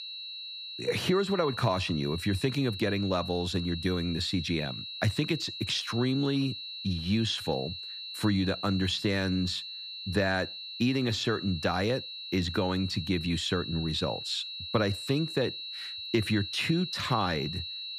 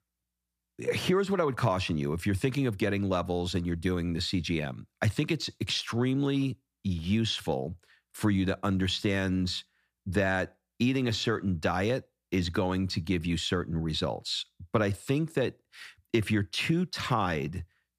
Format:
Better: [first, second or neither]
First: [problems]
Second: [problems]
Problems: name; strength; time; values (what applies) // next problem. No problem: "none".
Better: second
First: high-pitched whine; loud; throughout; 4 kHz, 7 dB below the speech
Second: none